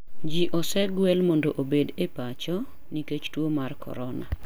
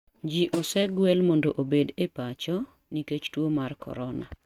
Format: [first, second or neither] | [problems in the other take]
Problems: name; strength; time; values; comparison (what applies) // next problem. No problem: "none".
first | noise reduction (neural mask model RNNoise)